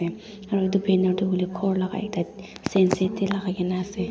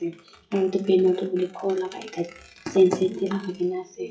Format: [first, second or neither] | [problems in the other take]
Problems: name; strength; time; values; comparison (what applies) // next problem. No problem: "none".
first | noise reduction (classical method WPE with log-MMSE)